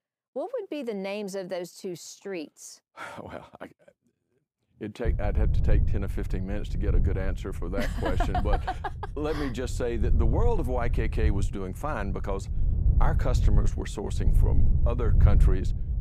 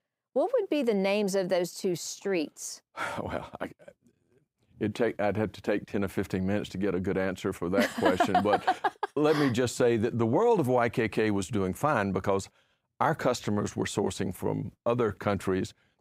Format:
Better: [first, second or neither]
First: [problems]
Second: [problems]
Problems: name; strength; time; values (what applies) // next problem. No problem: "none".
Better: second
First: wind noise on the microphone; occasional gusts; from 5 s on; 10 dB below the speech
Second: none